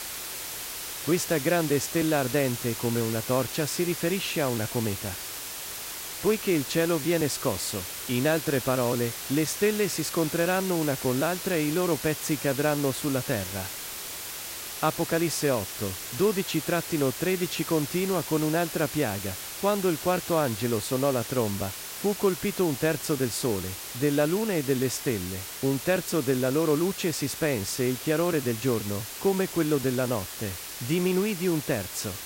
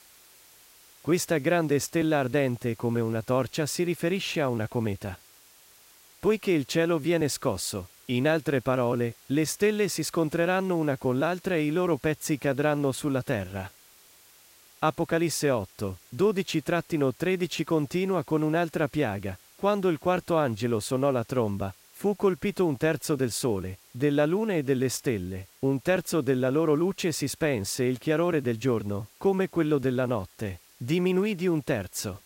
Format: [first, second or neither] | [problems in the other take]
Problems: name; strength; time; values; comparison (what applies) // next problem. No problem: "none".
second | hiss; loud; throughout; 7 dB below the speech; faint in the second